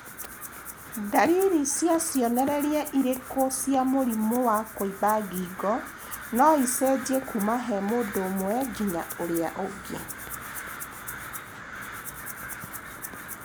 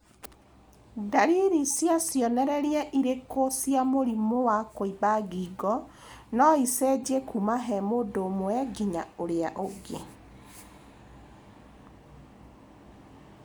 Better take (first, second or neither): second